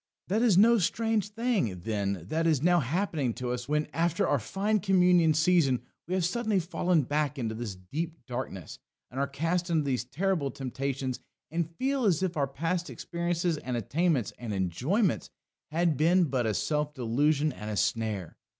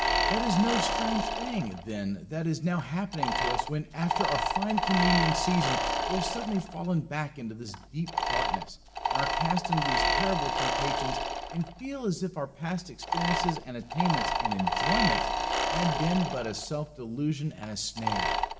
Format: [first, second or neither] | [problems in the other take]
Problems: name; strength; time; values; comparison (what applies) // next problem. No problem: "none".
first | background sound (Mechanisms); 1 dB above the speech // room echo; dies away in 0.6 s